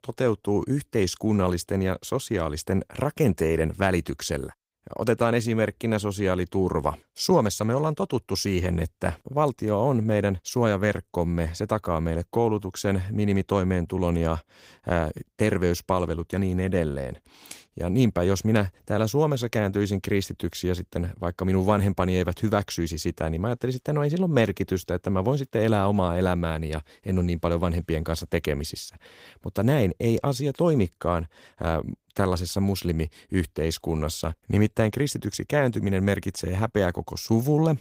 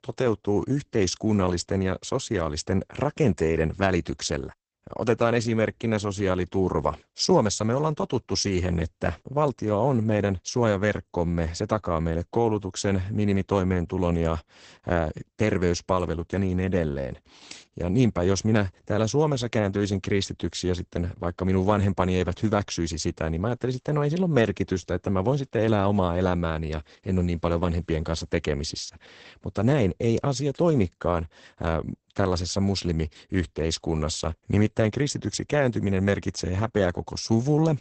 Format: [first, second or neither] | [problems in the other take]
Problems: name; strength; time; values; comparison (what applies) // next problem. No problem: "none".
first | garbled, watery; badly; nothing above 8 kHz; slightly in the first